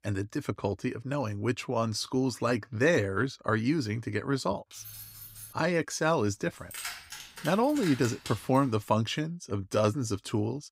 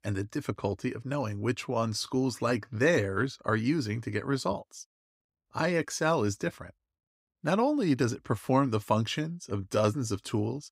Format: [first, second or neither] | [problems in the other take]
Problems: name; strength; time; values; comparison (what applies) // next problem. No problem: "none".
second | jangling keys; faint; at 4.5 s; peak 15 dB below the speech // jangling keys; noticeable; from 6.5 to 8.5 s; peak 8 dB below the speech